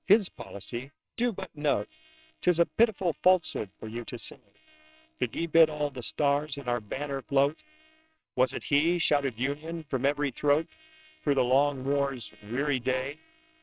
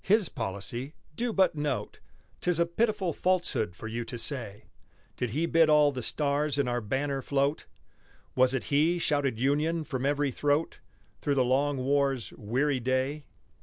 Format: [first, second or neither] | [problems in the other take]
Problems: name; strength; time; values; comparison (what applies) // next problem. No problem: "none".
second | noise reduction (neural separator model SepFormer WHAMR!)